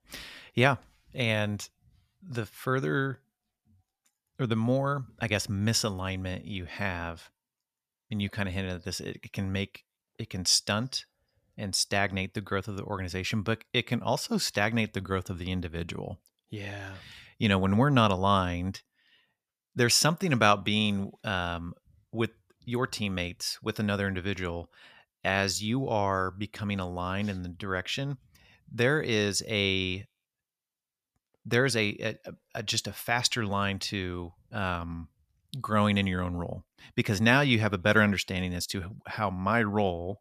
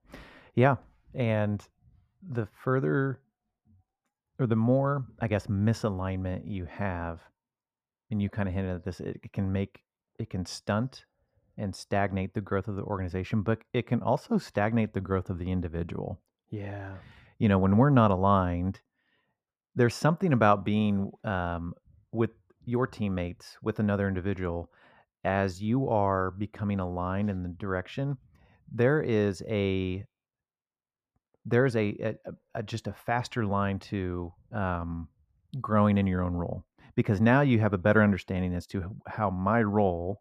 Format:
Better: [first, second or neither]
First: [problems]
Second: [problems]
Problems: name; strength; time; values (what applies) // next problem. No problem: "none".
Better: first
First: none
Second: muffled; very; fading above 2 kHz